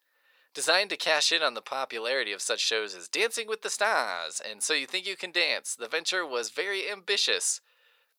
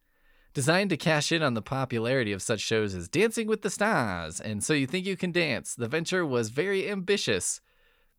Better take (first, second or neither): second